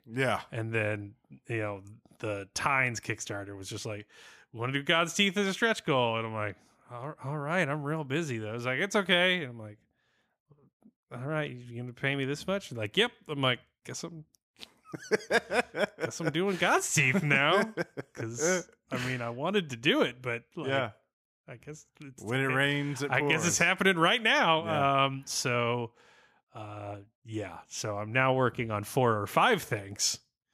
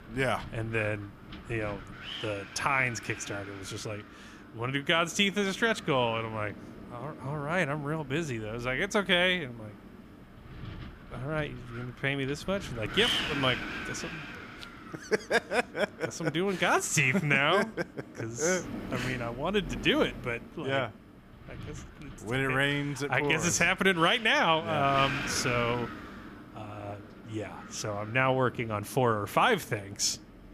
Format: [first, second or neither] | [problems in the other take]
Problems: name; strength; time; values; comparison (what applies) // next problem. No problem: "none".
first | wind noise on the microphone; occasional gusts; 10 dB below the speech